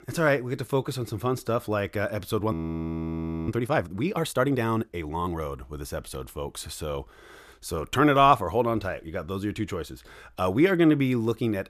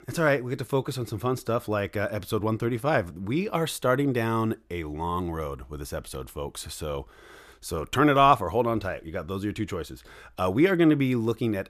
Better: second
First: audio freezing; at 2.5 s for 1 s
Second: none

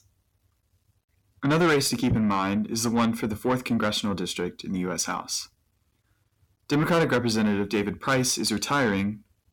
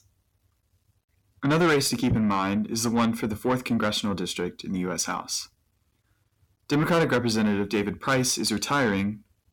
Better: neither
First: distortion; heavy; 8 dB below the speech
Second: distortion; heavy; 8 dB below the speech

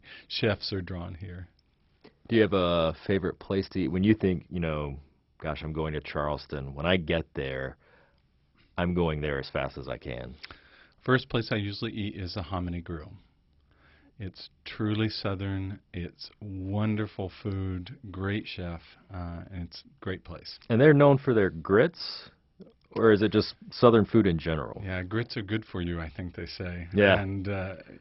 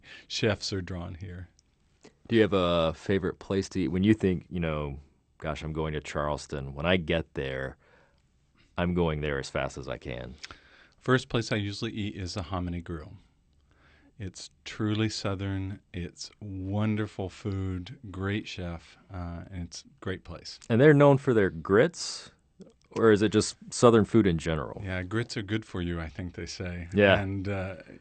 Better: second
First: garbled, watery; badly; nothing above 5.5 kHz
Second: garbled, watery; slightly; nothing above 8.5 kHz

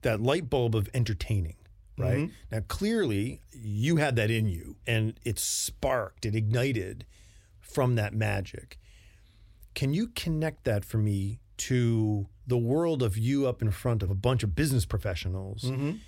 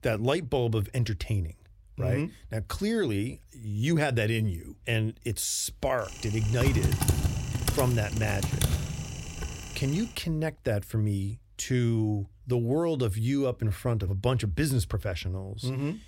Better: first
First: none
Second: keyboard typing; loud; from 6.5 to 10 s; peak 3 dB above the speech

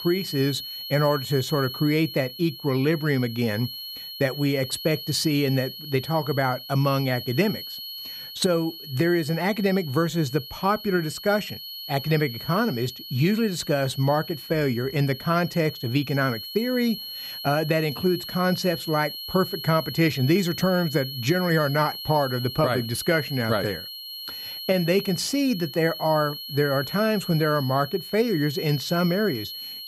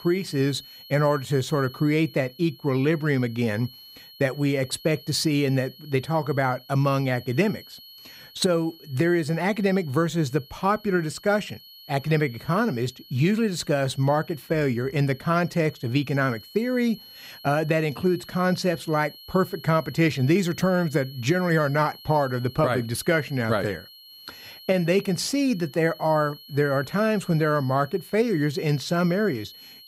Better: second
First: high-pitched whine; loud; throughout; 4.5 kHz, 10 dB below the speech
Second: high-pitched whine; faint; throughout; 4.5 kHz, 20 dB below the speech

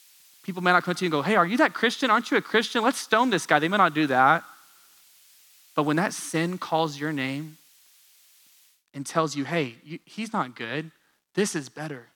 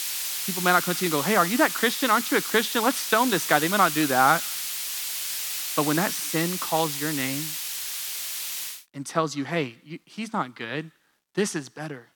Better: first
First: hiss; faint; until 8.5 s; 30 dB below the speech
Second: hiss; loud; until 8.5 s; 4 dB below the speech

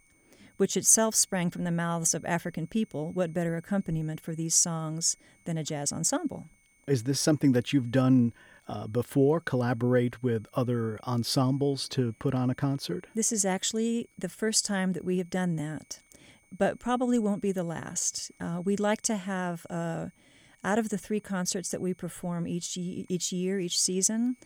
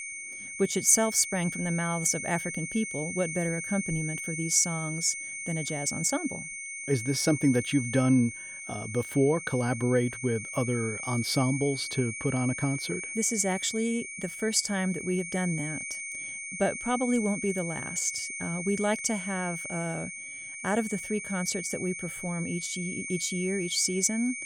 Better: first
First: high-pitched whine; faint; throughout; 2 kHz, 35 dB below the speech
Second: high-pitched whine; loud; throughout; 2 kHz, 6 dB below the speech

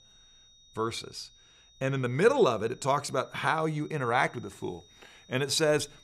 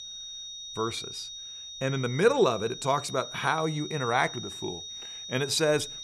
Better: first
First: high-pitched whine; faint; throughout; 3.5 kHz, 30 dB below the speech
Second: high-pitched whine; loud; throughout; 3.5 kHz, 10 dB below the speech

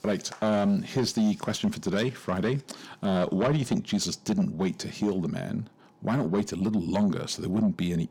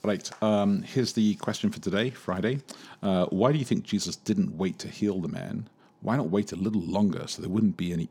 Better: second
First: distortion; slight; 10 dB below the speech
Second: none

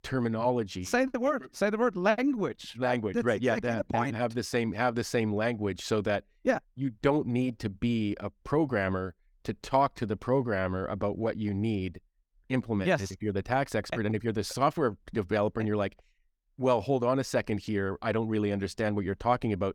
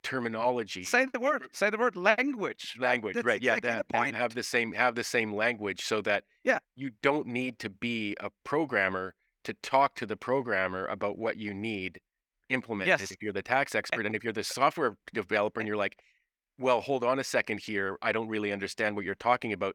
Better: first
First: none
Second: thin; very slightly; fading below 500 Hz

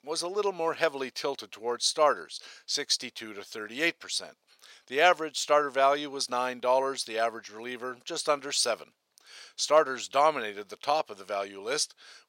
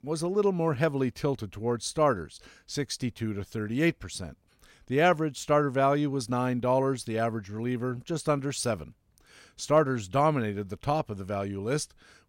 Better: second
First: thin; very; fading below 600 Hz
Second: none

